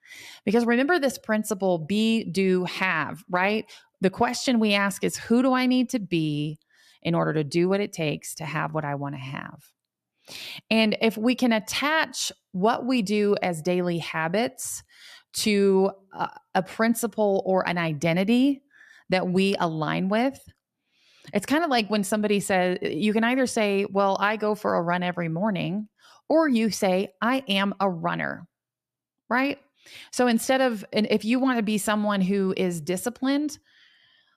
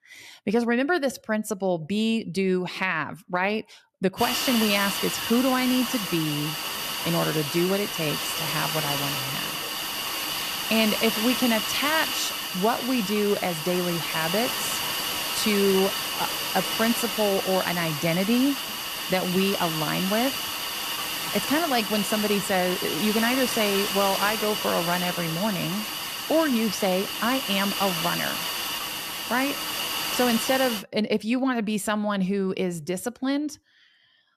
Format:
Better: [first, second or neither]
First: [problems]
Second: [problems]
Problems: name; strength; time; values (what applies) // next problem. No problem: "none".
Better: first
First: none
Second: hiss; loud; from 4 to 31 s; 1 dB below the speech